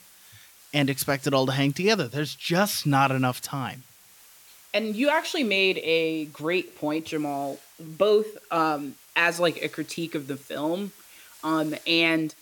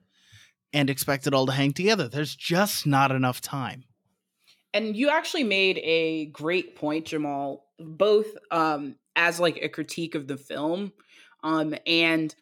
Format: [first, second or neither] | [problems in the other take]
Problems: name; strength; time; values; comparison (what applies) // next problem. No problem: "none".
second | hiss; faint; throughout; 25 dB below the speech